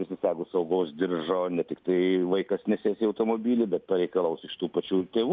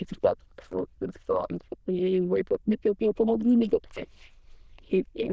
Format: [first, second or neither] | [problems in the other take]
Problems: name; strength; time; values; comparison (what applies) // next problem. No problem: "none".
first | noise reduction (neural diffusion model UNIVERSE++)